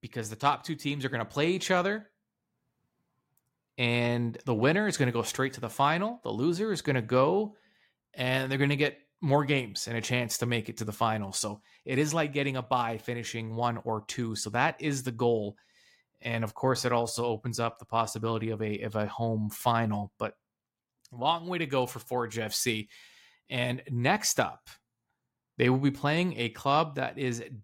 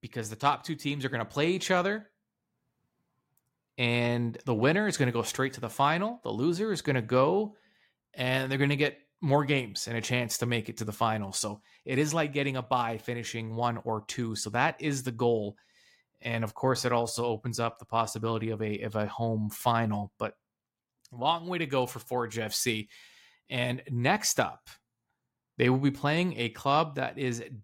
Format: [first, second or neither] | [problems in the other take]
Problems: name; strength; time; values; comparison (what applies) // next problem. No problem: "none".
neither | none